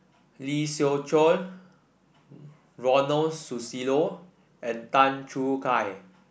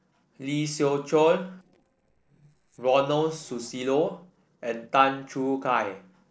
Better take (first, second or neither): first